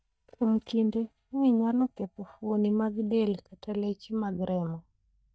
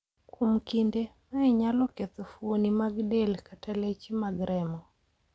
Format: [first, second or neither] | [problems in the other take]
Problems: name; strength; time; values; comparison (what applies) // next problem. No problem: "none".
second | noise reduction (neural mask model DeepFilterNet 3)